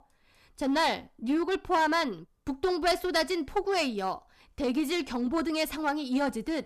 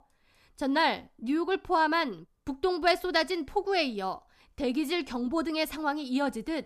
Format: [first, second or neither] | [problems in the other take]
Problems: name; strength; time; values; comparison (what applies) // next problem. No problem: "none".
second | distortion; slight; 7% of the sound clipped